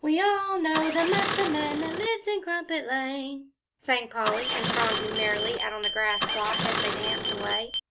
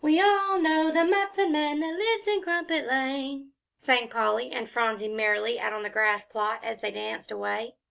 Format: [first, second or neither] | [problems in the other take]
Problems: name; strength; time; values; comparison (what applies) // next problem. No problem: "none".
second | background sound (Engine starting + Glass); 2 dB below the speech